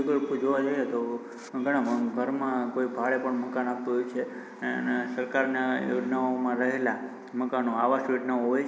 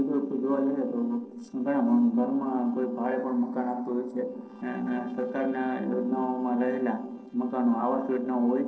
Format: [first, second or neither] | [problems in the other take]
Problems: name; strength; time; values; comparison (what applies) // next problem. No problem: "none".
first | noise reduction (neural separator model SepFormer DNS4)